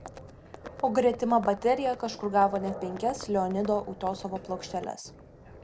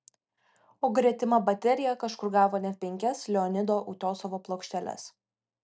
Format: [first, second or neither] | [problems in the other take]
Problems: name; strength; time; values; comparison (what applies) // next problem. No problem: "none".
second | background sound (Livestock, farm animals, working animals); 15 dB below the speech